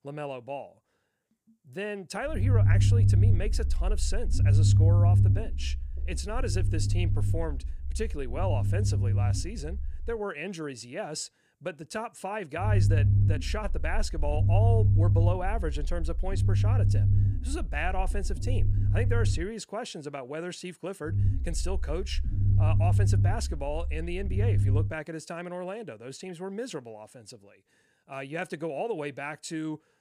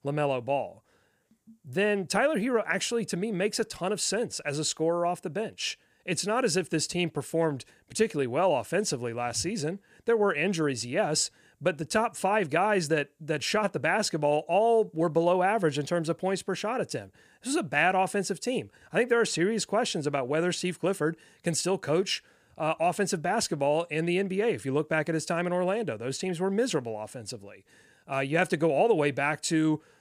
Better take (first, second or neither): second